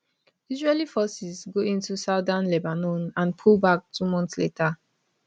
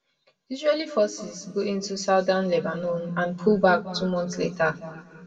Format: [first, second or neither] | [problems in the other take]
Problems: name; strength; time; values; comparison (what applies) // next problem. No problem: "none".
first | room echo; dies away in 1.7 s